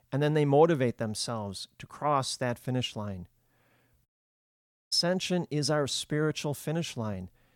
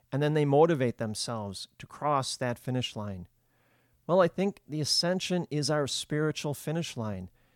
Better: second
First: audio cutting out; at 4 s for 1 s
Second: none

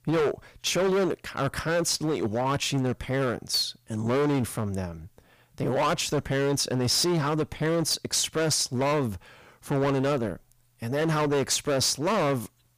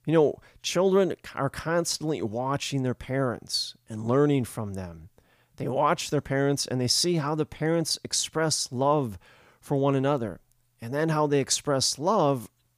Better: second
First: distortion; heavy; 17% of the sound clipped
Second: none

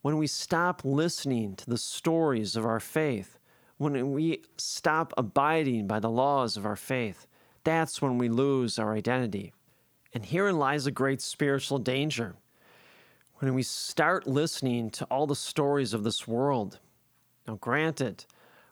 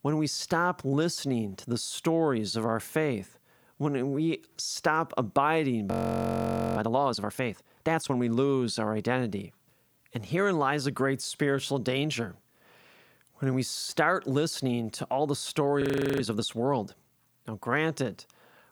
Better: first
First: none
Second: audio freezing; at 6 s for 1 s and at 16 s

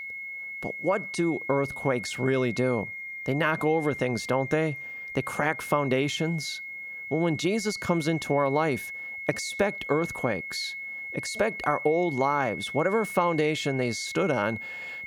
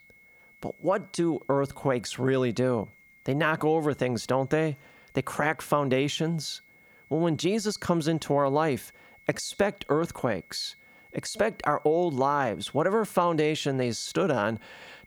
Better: second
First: high-pitched whine; loud; throughout; 2 kHz, 8 dB below the speech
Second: high-pitched whine; faint; throughout; 2 kHz, 30 dB below the speech

